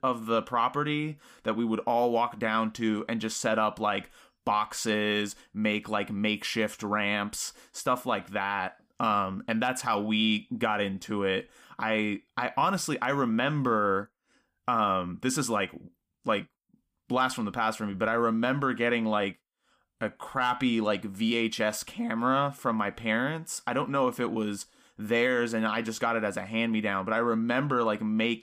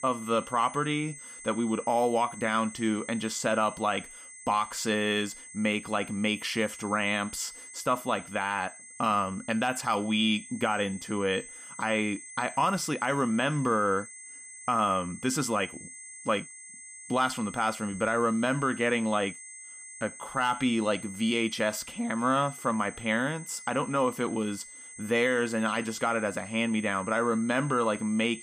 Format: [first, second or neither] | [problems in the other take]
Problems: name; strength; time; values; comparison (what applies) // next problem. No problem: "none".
first | high-pitched whine; noticeable; throughout; 8 kHz, 15 dB below the speech